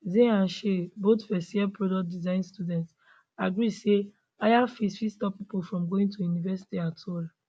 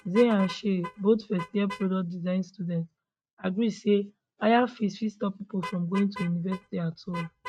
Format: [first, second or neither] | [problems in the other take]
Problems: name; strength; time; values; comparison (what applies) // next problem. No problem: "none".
first | noise reduction (neural mask model RNNoise)